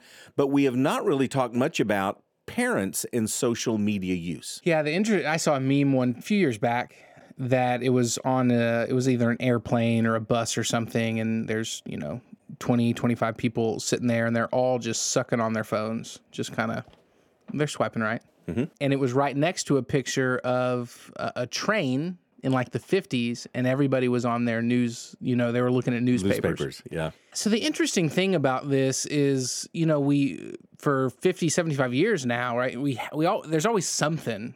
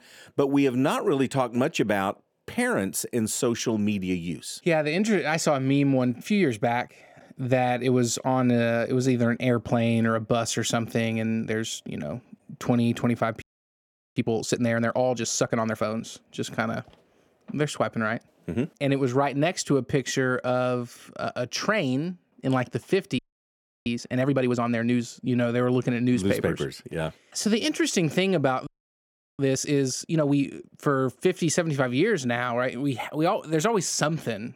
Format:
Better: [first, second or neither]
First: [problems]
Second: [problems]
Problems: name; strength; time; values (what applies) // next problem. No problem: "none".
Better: first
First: none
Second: audio freezing; at 13 s for 0.5 s, at 23 s for 0.5 s and at 29 s for 0.5 s